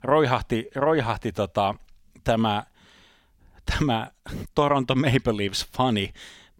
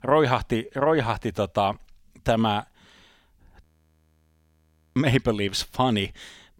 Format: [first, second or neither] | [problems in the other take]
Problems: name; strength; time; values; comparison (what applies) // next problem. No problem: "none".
first | audio freezing; at 3.5 s for 1.5 s